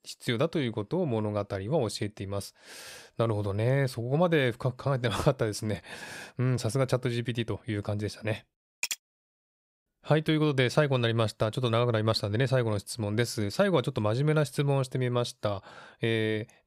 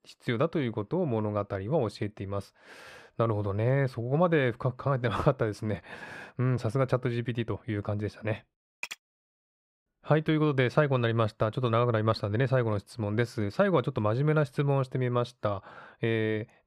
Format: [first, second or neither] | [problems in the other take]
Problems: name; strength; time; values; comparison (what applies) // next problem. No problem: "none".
first | muffled; slightly; fading above 3.5 kHz